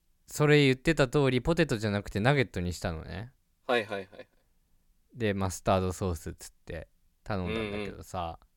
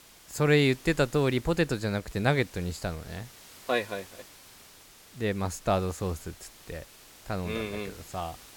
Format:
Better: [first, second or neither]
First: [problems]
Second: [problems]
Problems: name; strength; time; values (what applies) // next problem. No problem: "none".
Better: first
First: none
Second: hiss; faint; throughout; 20 dB below the speech